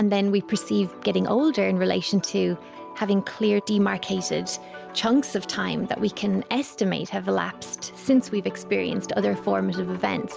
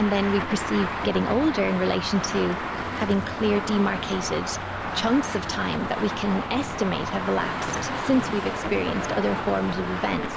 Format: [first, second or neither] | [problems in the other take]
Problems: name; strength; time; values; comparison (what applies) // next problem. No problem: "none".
first | background sound (Traffic noise, roadway noise); 4 dB below the speech